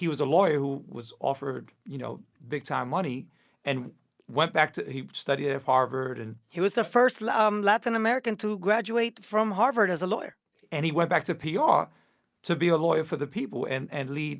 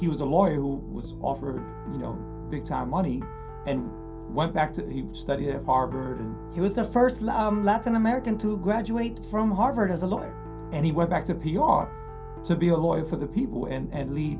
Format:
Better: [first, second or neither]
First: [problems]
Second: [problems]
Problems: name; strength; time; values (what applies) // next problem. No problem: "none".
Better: first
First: none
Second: background sound (Piano); 11 dB below the speech // room echo; dies away in 0.3 s